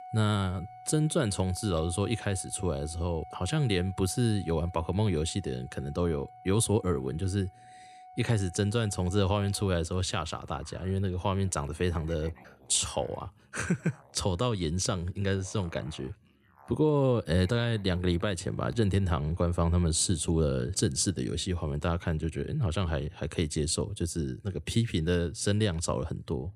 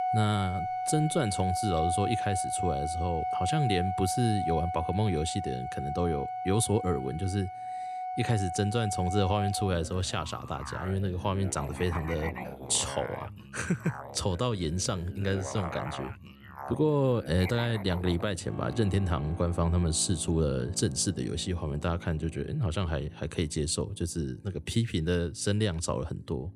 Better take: first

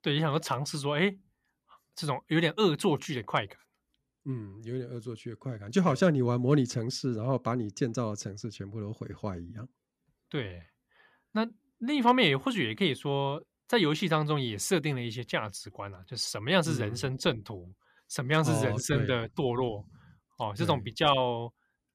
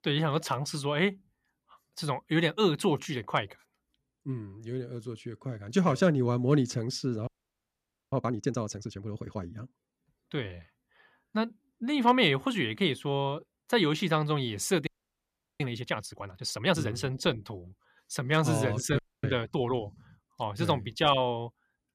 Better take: first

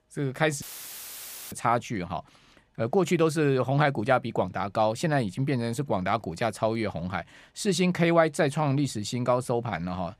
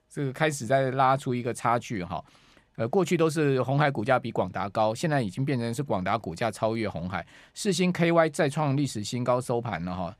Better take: second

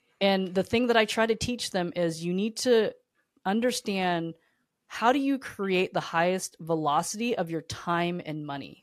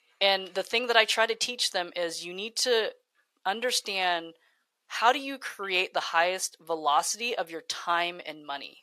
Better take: first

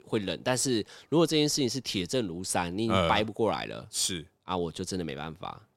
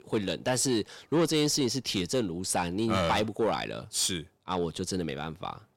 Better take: first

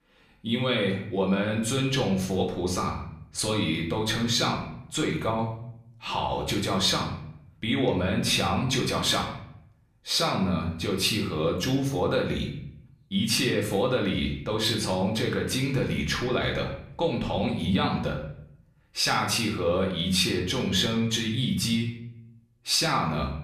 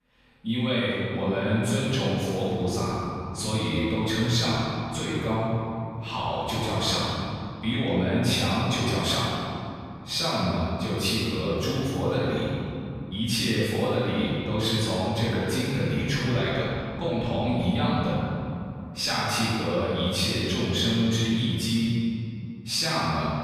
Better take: first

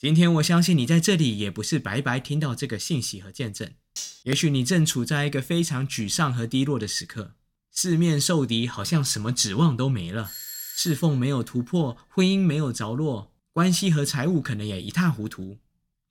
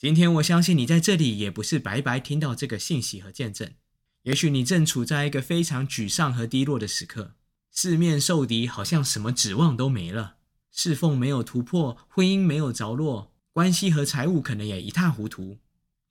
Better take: second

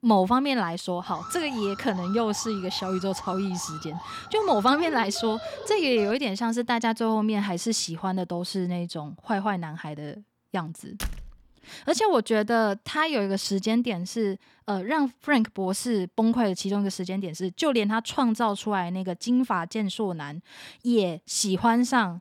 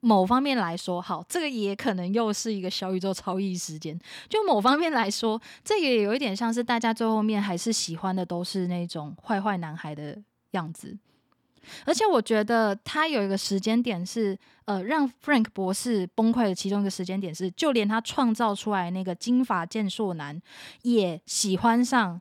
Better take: second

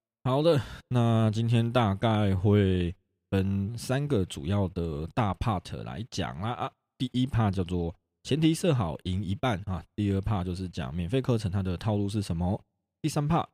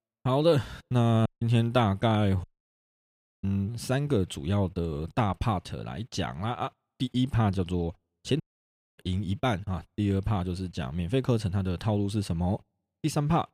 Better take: first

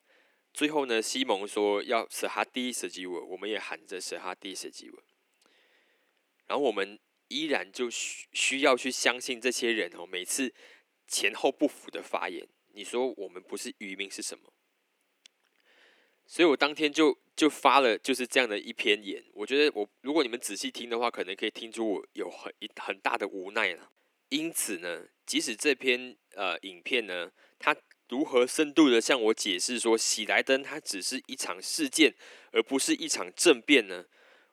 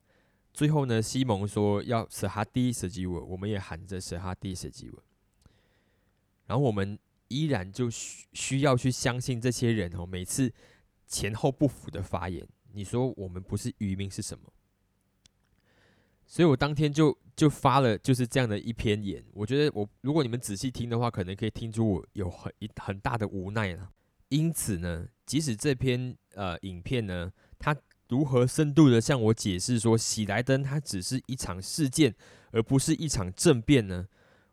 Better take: second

